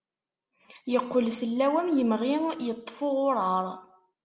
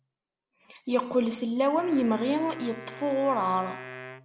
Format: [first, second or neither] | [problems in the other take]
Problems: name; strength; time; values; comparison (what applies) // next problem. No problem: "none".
first | background sound (Wind instrument, woodwind instrument); 17 dB below the speech